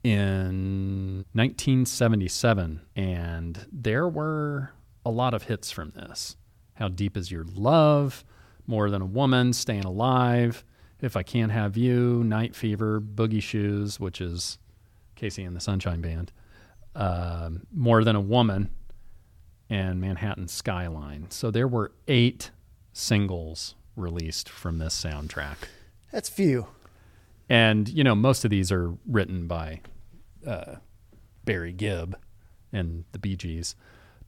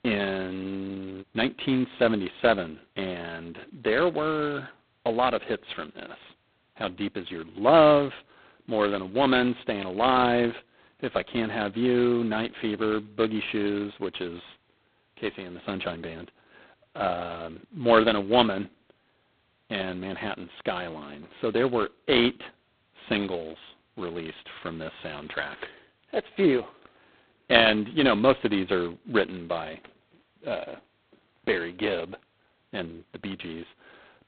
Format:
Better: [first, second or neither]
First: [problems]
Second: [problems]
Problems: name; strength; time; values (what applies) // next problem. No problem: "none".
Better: first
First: none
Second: phone-call audio; poor line; nothing above 4 kHz